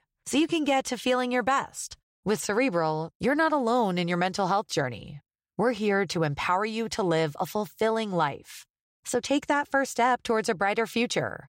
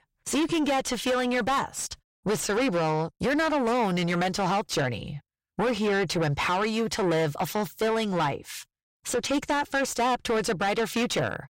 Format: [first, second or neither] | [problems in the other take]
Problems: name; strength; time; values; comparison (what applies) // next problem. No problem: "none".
first | distortion; heavy; 7 dB below the speech